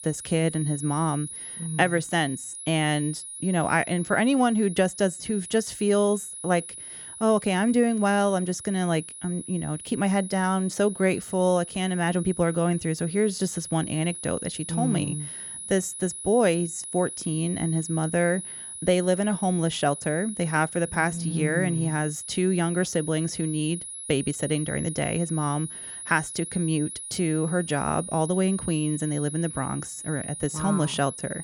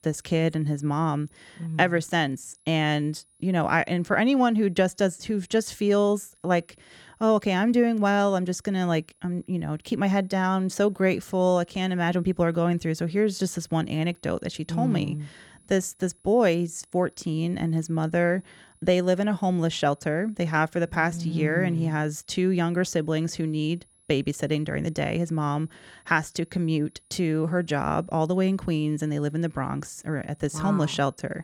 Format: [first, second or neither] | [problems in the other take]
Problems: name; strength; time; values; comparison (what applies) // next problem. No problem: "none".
second | high-pitched whine; loud; throughout; 10.5 kHz, 10 dB below the speech; faint in the second